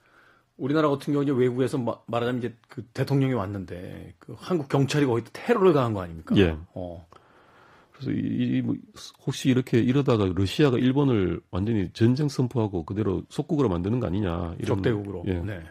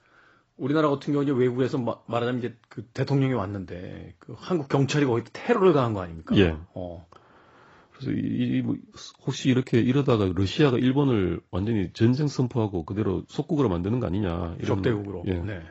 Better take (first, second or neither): first